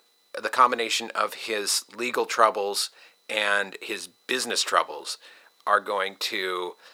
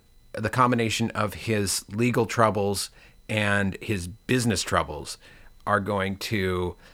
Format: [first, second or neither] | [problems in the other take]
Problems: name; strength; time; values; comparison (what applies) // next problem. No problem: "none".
second | thin; very; fading below 400 Hz